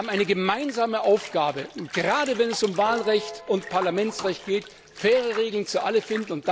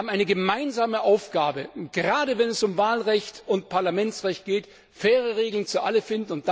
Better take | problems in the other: second | background sound (Bathtub (filling or washing) / Water + Piano); 15 dB below the speech

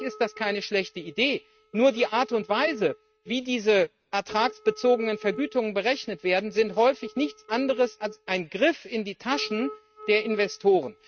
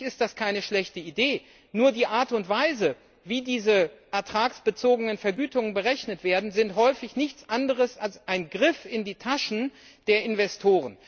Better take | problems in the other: second | noise reduction (neural mask model RNNoise)

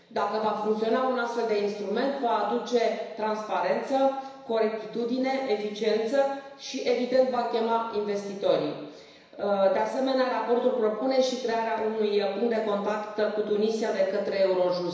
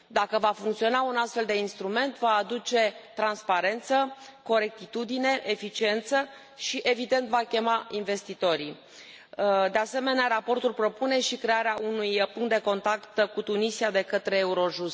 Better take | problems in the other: second | room echo; dies away in 1 s

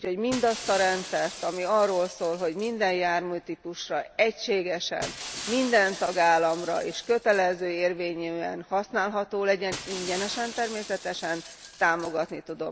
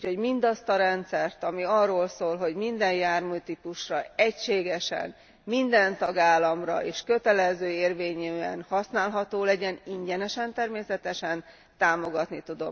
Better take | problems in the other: second | background sound (Shatter); 14 dB below the speech

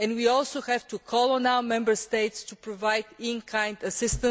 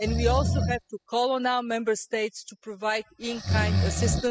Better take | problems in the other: first | noise reduction (classical method spectral subtraction)

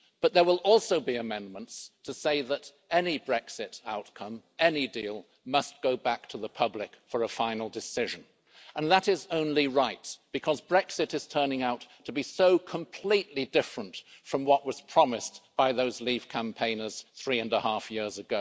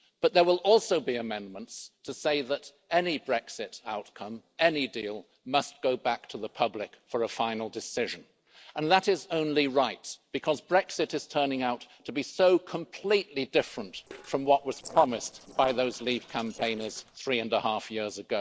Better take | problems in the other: first | noise reduction (neural separator model SepFormer DNS4)

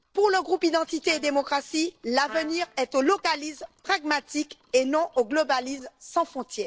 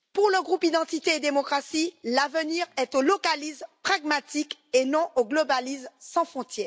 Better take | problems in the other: second | noise reduction (neural separator model SepFormer DNS4)

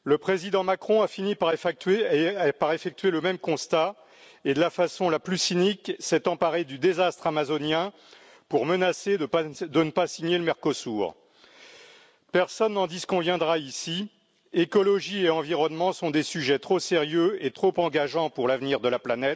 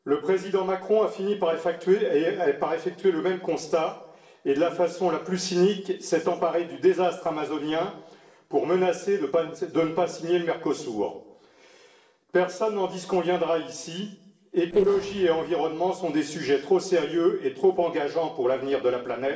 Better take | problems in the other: first | noise reduction (neural separator model SepFormer DNS4)

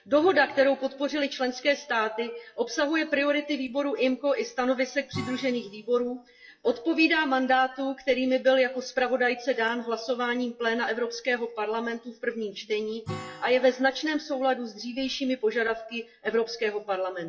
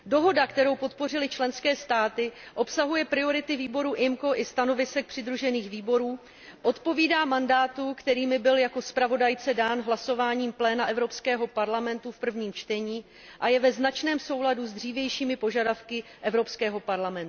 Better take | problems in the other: second | noise reduction (classical method WPE with log-MMSE)

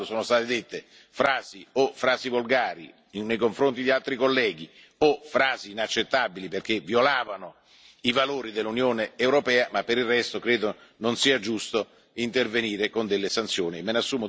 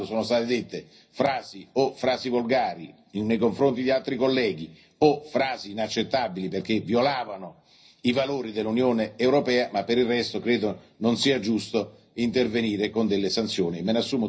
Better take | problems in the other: first | room echo; dies away in 0.4 s

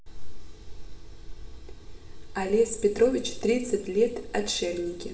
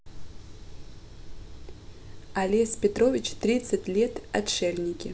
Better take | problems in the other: second | room echo; dies away in 0.8 s

